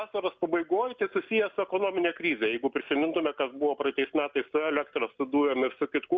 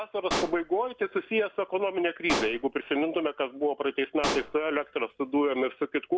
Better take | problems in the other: first | background sound (Explosion); 9 dB below the speech

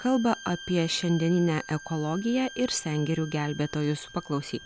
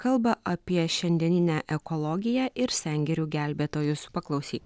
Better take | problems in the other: second | background sound (Bowed string instrument); 17 dB below the speech

